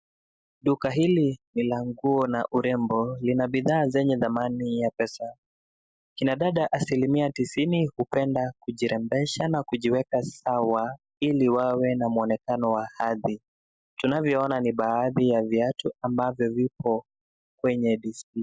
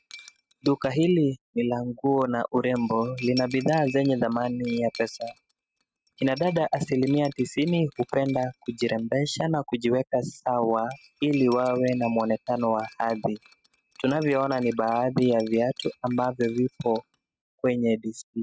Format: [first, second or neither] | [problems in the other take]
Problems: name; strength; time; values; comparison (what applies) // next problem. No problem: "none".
first | noise reduction (neural mask model RNNoise)